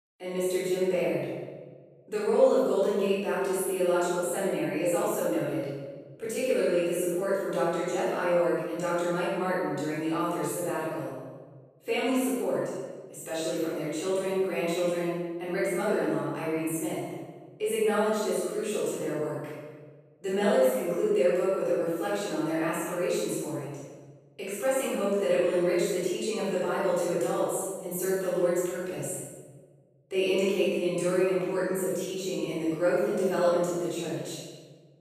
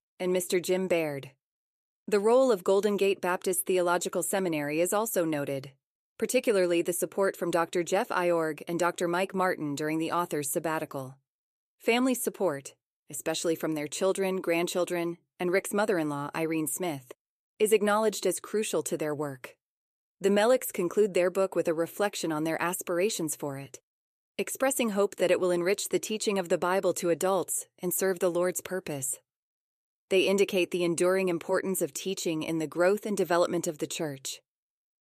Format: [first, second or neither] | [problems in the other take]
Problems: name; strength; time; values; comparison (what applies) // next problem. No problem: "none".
second | room echo; strong; dies away in 1.2 s // off-mic speech; far